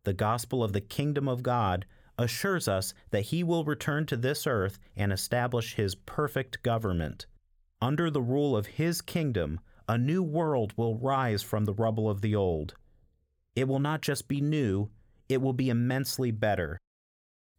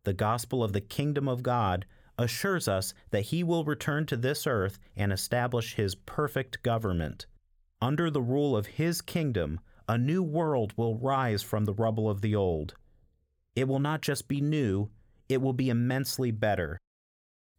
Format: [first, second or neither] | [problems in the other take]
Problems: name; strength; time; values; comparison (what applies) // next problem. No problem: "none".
neither | none